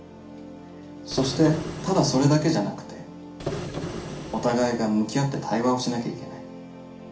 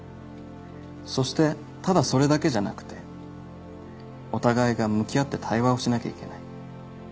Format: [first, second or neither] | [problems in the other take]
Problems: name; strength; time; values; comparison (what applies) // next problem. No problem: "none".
second | background sound (Printer); 8 dB below the speech // room echo; dies away in 0.4 s